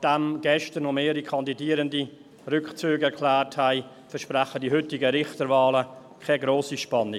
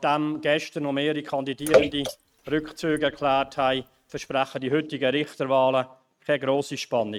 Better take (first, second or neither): first